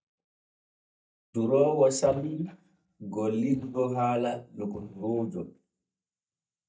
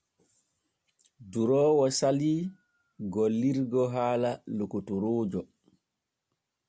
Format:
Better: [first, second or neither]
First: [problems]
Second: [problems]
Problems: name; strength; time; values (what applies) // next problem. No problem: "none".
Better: second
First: noise reduction (neural mask model DeepFilterNet 3)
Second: none